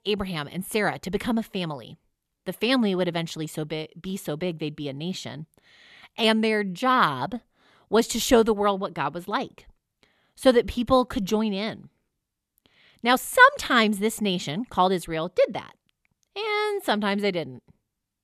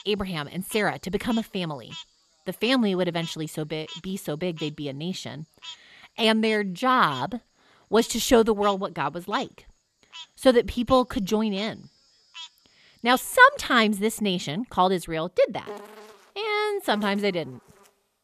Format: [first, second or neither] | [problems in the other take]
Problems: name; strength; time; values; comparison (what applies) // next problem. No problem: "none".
first | animal sounds; noticeable; throughout; 20 dB below the speech